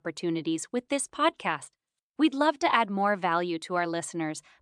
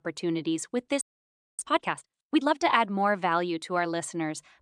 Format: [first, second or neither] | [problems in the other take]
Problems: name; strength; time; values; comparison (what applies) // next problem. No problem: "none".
first | audio freezing; at 1 s for 0.5 s